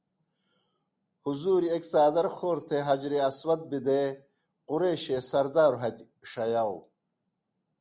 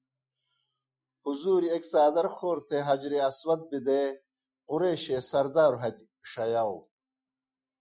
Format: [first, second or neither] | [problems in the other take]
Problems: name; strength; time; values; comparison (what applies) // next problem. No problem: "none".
first | noise reduction (classical method Wiener filter)